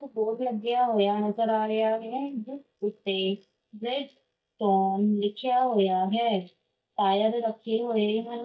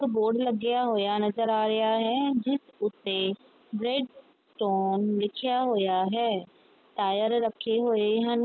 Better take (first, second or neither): second